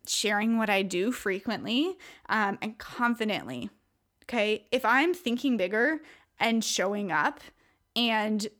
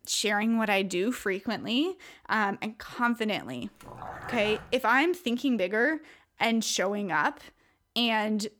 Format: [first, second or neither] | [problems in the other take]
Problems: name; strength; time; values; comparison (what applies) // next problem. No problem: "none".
first | dog barking; faint; at 4 s; peak 10 dB below the speech